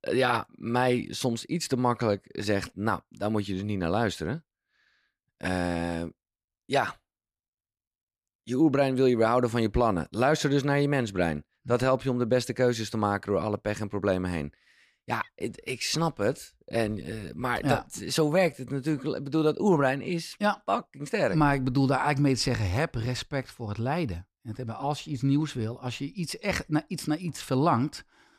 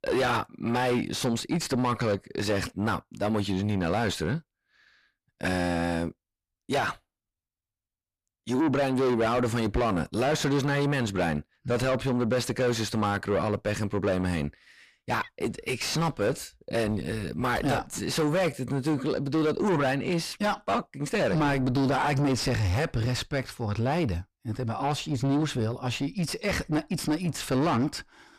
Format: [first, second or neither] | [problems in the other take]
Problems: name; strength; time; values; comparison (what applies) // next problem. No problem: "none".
first | distortion; heavy; 5 dB below the speech